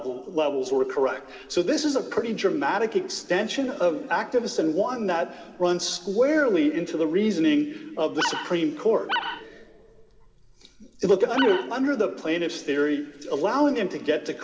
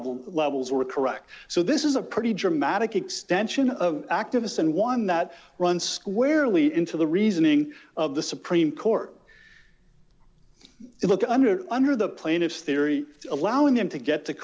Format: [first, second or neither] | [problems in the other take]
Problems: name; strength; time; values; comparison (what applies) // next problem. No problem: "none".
second | background sound (Animal); 6 dB below the speech // room echo; dies away in 2.2 s